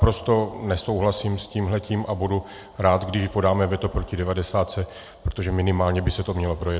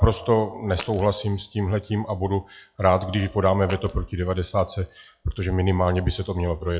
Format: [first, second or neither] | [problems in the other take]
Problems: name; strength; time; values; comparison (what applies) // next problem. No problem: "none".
first | noise reduction (classical method log-MMSE)